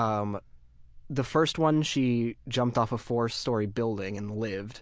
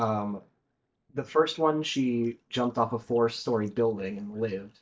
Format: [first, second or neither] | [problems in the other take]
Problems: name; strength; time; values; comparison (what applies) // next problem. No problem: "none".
first | noise reduction (neural mask model DeepFilterNet 3)